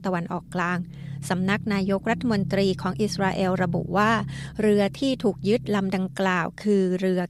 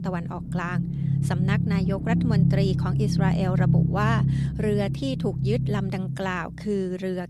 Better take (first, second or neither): first